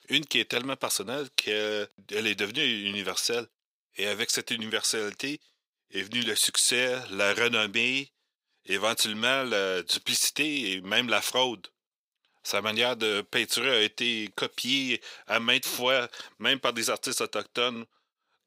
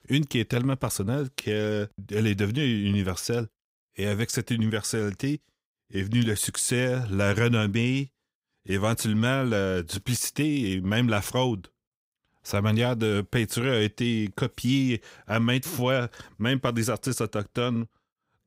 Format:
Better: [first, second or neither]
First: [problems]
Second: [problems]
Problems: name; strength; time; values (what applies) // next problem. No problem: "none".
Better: second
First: thin; somewhat; fading below 450 Hz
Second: none